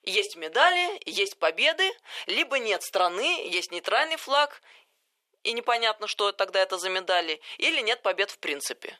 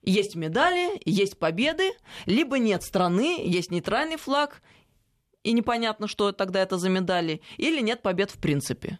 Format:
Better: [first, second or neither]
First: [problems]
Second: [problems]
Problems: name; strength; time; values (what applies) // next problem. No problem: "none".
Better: second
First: thin; very; fading below 450 Hz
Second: none